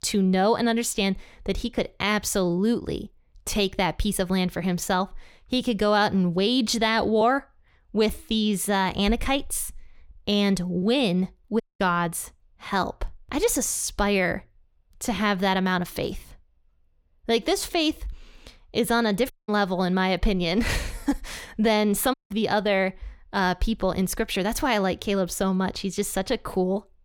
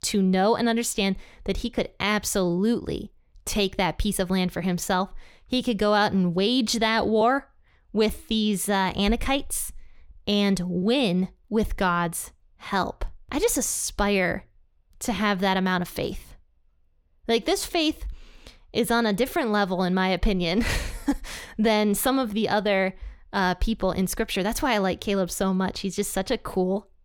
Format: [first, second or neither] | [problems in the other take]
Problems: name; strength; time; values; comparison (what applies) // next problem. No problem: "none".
second | audio cutting out; at 12 s, at 19 s and at 22 s